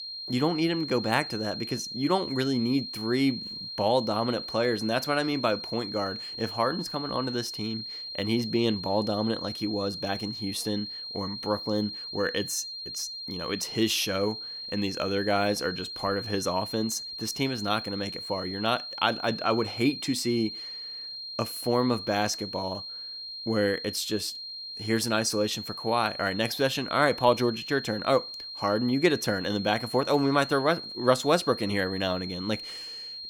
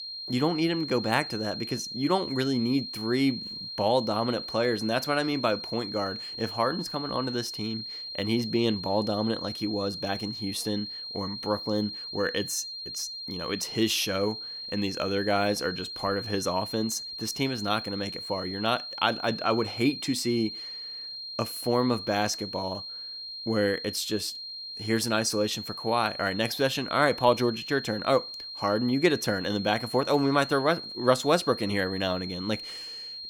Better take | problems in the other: neither | high-pitched whine; loud; throughout; 4 kHz, 7 dB below the speech; the same in both

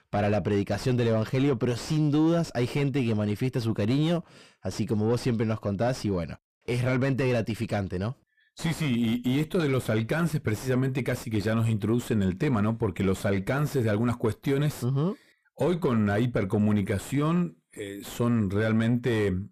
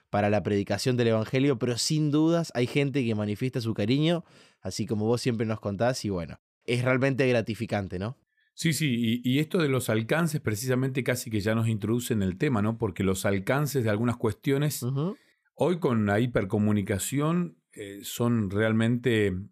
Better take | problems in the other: second | distortion; slight; 9 dB below the speech

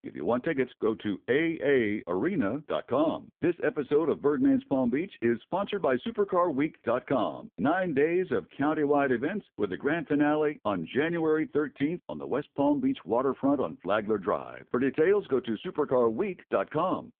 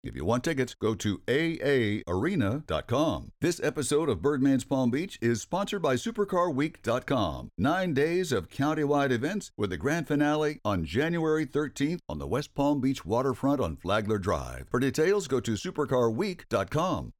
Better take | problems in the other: second | phone-call audio; poor line

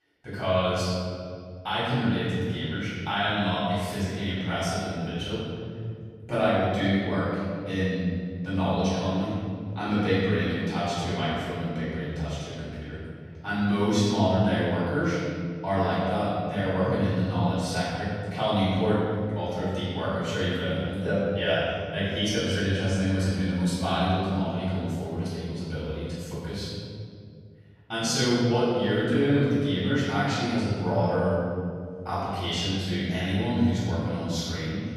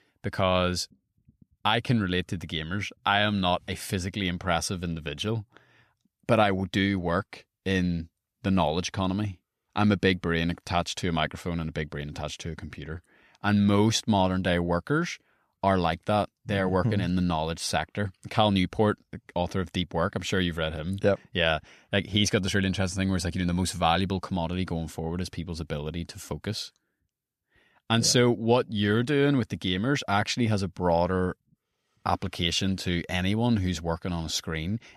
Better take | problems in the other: second | off-mic speech; far // room echo; strong; dies away in 2.3 s

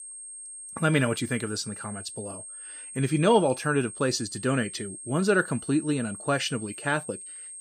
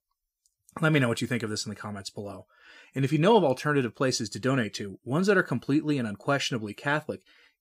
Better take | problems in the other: second | high-pitched whine; noticeable; throughout; 8.5 kHz, 10 dB below the speech

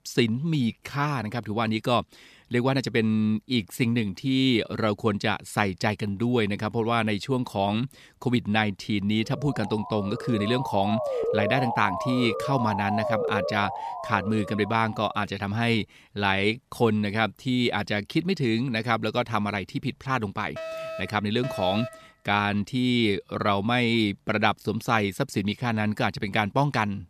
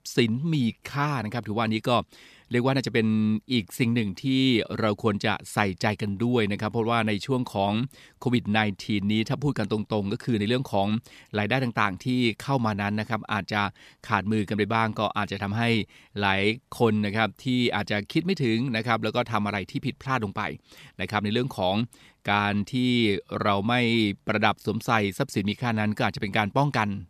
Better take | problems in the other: second | siren; noticeable; from 9.5 to 15 s; peak 1 dB below the speech // alarm; noticeable; from 21 to 22 s; peak 8 dB below the speech

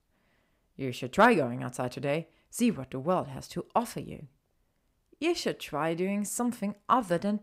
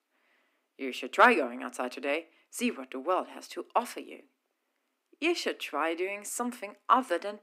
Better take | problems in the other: first | thin; very slightly; fading below 250 Hz

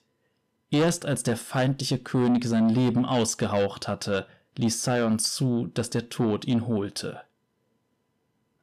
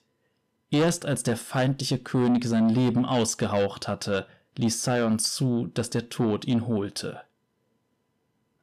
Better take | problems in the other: neither | distortion; slight; 10 dB below the speech; the same in both

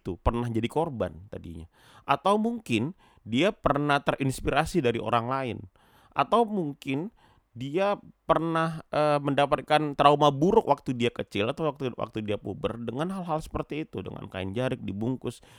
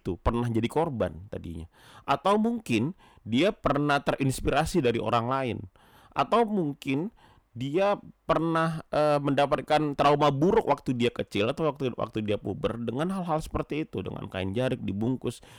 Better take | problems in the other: first | distortion; slight; 10 dB below the speech

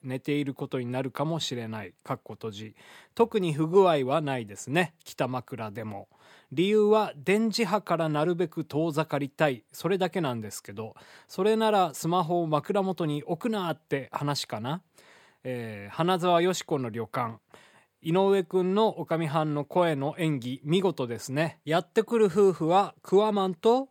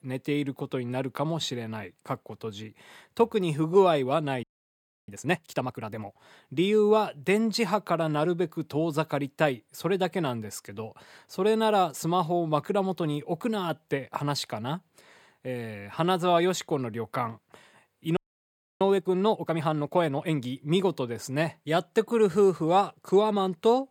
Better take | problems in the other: first | audio freezing; at 4.5 s for 0.5 s and at 18 s for 0.5 s

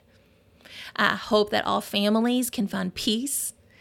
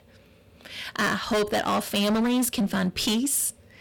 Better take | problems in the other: first | distortion; heavy; 16% of the sound clipped

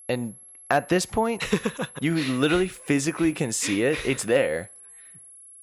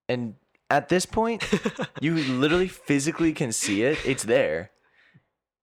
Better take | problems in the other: second | high-pitched whine; noticeable; throughout; 11 kHz, 20 dB below the speech

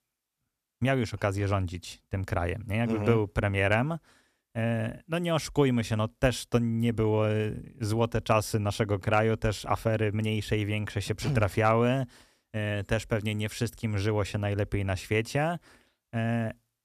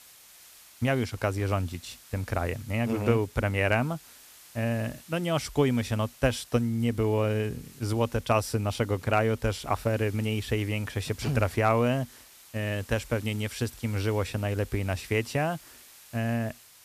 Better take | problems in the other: first | hiss; faint; throughout; 20 dB below the speech

